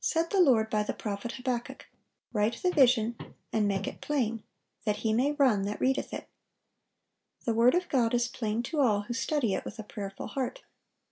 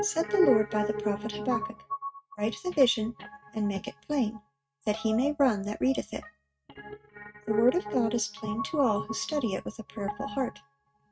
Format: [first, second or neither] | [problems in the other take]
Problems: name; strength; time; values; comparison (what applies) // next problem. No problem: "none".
first | noise reduction (neural mask model RNNoise)